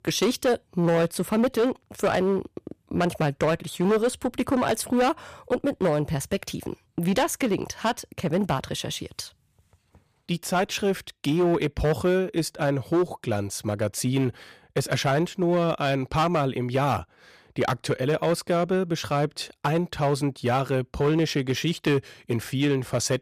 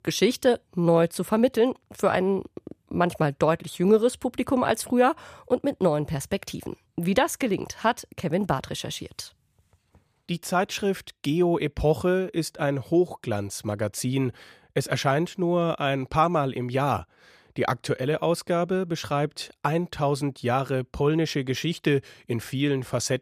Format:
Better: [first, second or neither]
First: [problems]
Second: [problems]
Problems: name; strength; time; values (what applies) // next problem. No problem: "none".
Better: second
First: distortion; slight; 8% of the sound clipped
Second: none